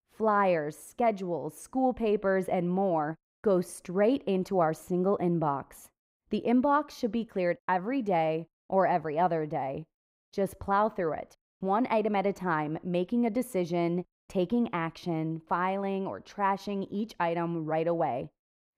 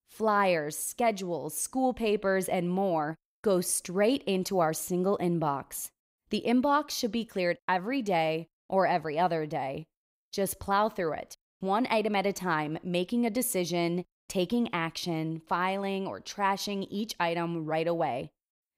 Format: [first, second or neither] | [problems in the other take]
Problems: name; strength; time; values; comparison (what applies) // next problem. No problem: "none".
second | muffled; slightly; fading above 2.5 kHz